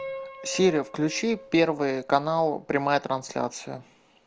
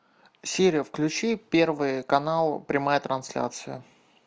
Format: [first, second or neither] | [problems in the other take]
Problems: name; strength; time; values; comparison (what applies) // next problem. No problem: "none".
second | background sound (Piano); 17 dB below the speech